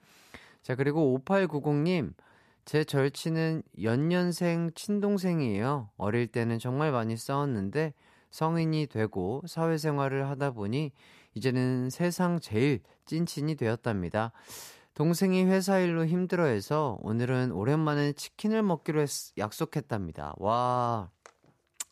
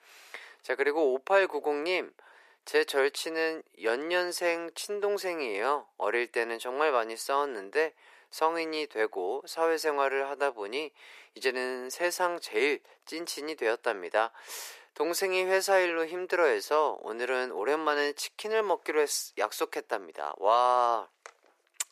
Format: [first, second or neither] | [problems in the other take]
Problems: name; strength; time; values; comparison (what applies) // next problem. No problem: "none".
first | thin; very; fading below 400 Hz